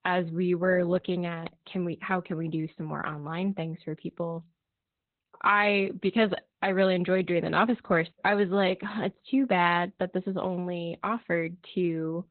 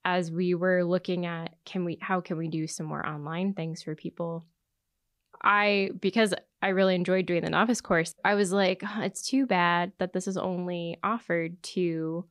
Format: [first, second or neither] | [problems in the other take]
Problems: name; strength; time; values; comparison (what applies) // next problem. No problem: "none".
second | garbled, watery; badly; nothing above 4 kHz